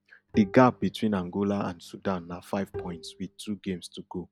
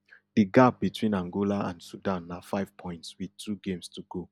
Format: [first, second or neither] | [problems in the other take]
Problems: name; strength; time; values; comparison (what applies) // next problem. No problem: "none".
second | background sound (Bowed string instrument); 15 dB below the speech